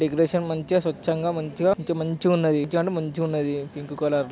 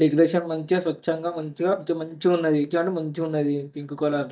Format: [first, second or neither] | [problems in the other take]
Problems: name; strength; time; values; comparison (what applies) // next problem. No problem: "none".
first | noise reduction (neural mask model DeepFilterNet 3)